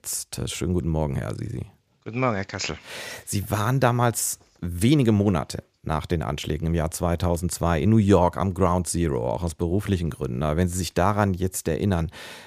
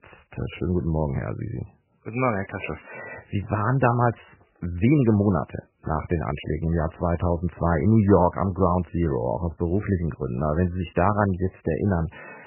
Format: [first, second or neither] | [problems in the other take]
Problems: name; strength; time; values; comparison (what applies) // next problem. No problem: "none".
first | garbled, watery; badly; nothing above 3 kHz